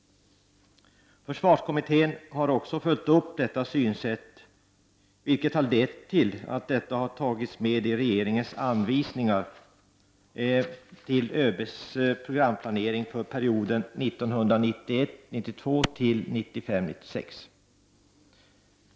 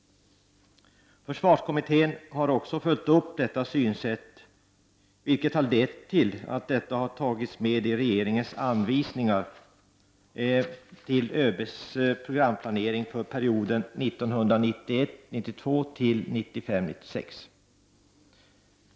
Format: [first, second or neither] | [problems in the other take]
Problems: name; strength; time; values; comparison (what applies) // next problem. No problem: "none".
second | background sound (Clapping); 3 dB below the speech